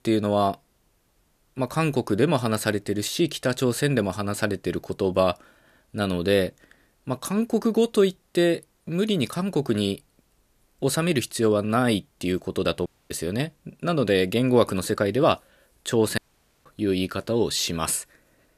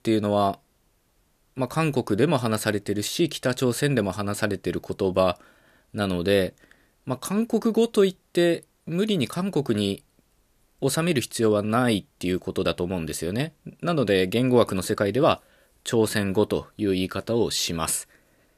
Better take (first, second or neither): second